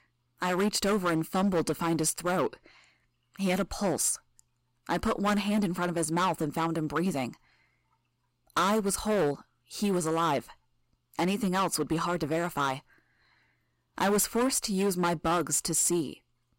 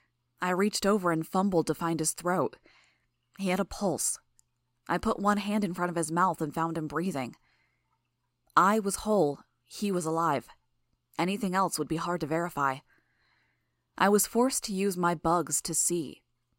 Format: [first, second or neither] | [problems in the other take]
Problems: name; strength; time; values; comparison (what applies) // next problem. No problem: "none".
second | distortion; heavy; 9% of the sound clipped